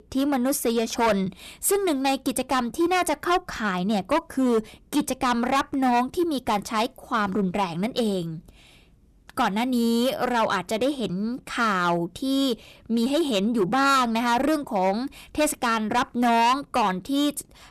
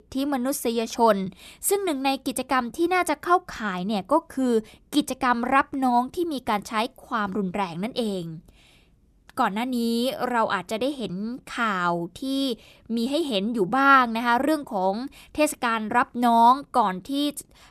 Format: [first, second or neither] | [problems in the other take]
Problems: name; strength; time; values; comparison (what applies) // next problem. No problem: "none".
second | distortion; heavy; 9% of the sound clipped